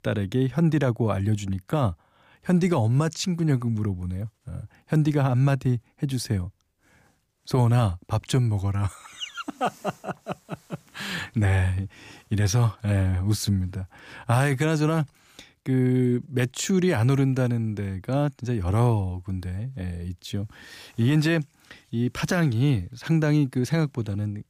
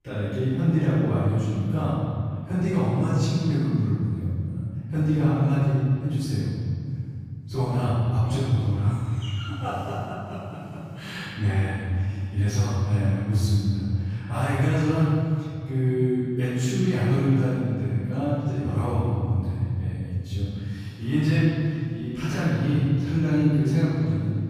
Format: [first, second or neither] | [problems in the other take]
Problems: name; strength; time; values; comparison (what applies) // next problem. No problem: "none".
first | off-mic speech; far // room echo; strong; dies away in 3 s